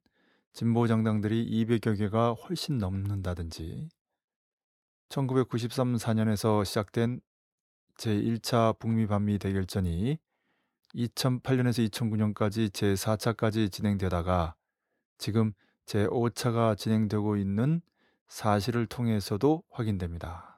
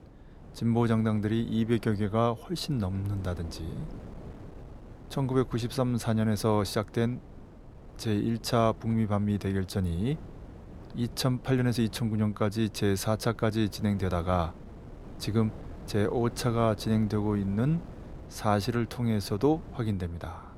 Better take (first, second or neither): first